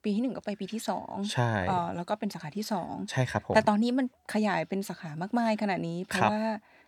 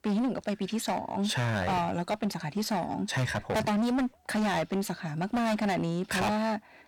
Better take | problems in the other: first | distortion; heavy; 20% of the sound clipped

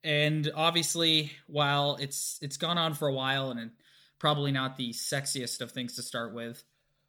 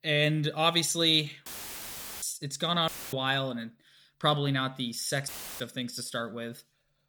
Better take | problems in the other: first | audio cutting out; filled with static; at 1.5 s for 1 s, at 3 s and at 5.5 s

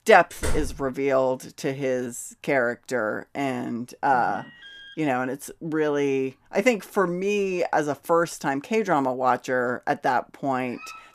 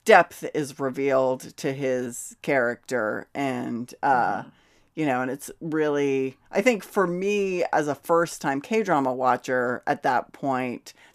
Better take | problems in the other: second | door banging; noticeable; at 0.5 s; peak 6 dB below the speech // alarm; faint; at 4.5 s; peak 15 dB below the speech // dog barking; faint; at 11 s; peak 15 dB below the speech

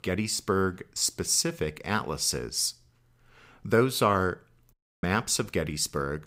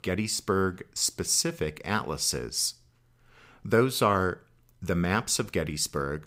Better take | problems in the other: second | audio cutting out; at 4.5 s

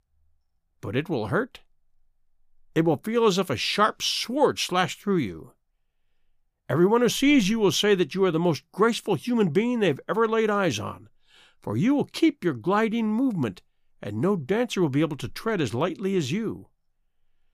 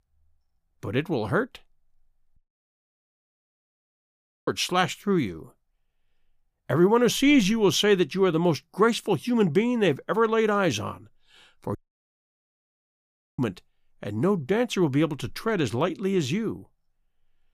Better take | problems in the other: first | audio cutting out; at 2.5 s for 2 s and at 12 s for 1.5 s

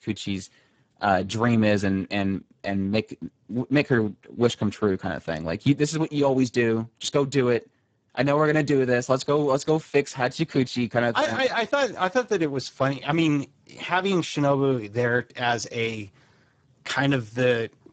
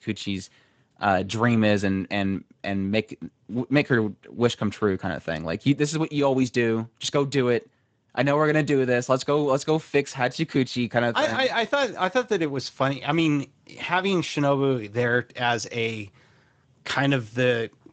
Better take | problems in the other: second | garbled, watery; badly; nothing above 7.5 kHz; slightly in the second

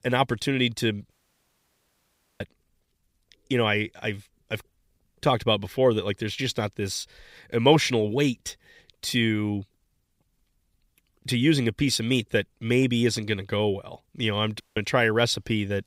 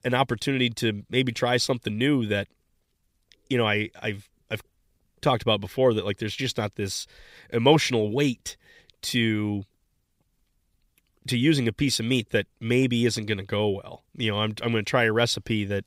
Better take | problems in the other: second | audio cutting out; at 1 s for 1.5 s and at 15 s

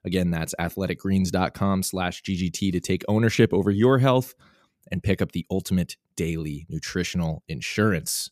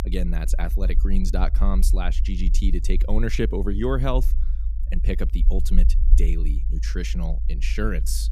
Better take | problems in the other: first | low rumble; noticeable; throughout; 15 dB below the speech

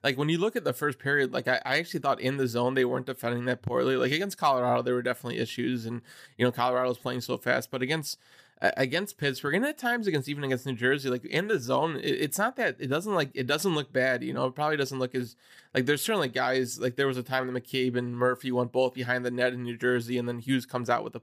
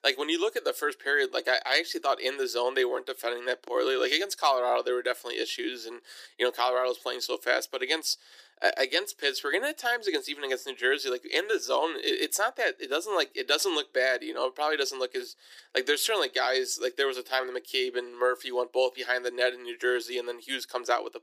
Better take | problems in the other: first | thin; very; fading below 300 Hz

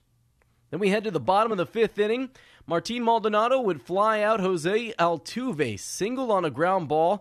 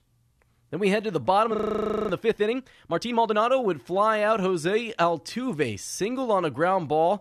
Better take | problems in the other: first | audio freezing; at 1.5 s for 0.5 s

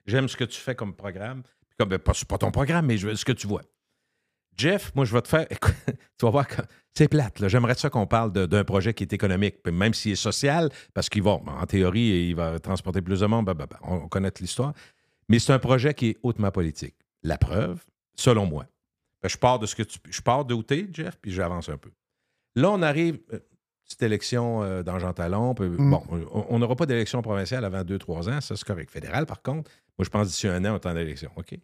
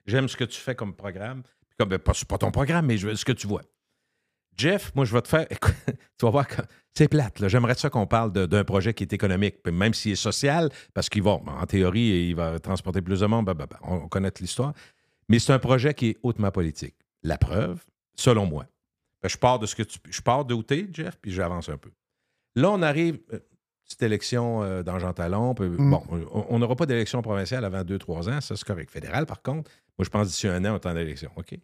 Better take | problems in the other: neither | none

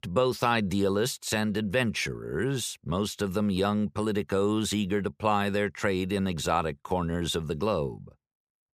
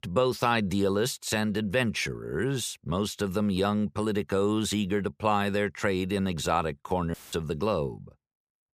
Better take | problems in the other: first | audio cutting out; filled with static; at 7 s

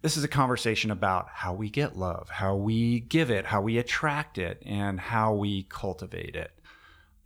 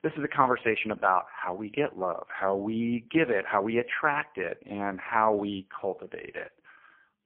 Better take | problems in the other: first | phone-call audio; poor line

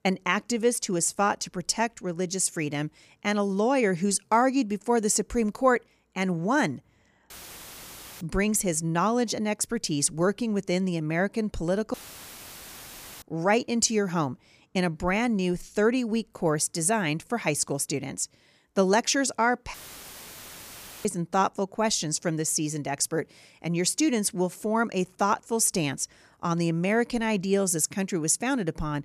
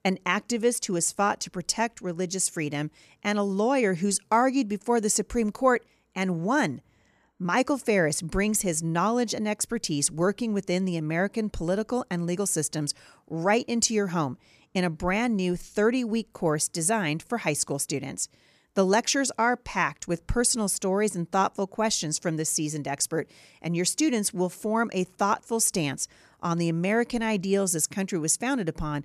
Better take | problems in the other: second | audio cutting out; filled with static; at 7.5 s for 1 s, at 12 s for 1.5 s and at 20 s for 1.5 s

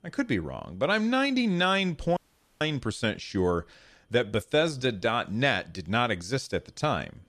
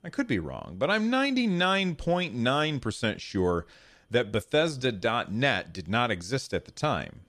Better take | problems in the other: second | audio cutting out; at 2 s

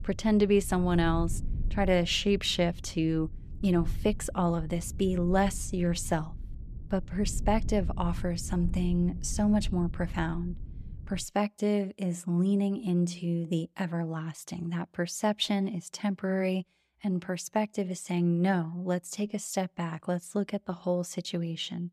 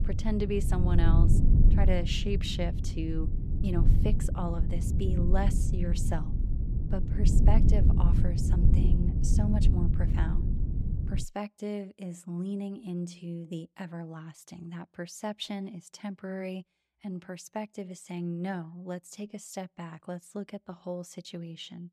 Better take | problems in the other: first | low rumble; loud; until 11 s; 3 dB below the speech; faint in the first

